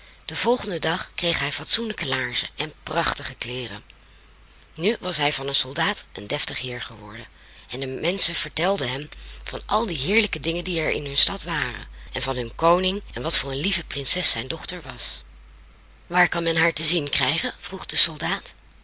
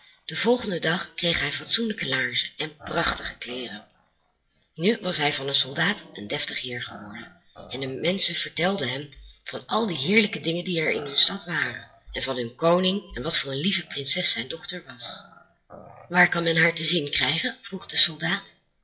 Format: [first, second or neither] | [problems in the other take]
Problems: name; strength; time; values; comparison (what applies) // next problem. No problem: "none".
first | noise reduction (classical method WPE with log-MMSE)